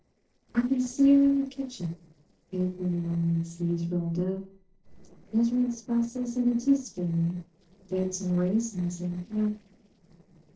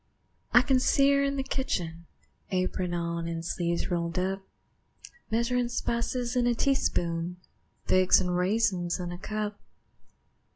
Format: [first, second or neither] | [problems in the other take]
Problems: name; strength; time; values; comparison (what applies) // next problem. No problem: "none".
second | noise reduction (neural separator model SepFormer DNS4)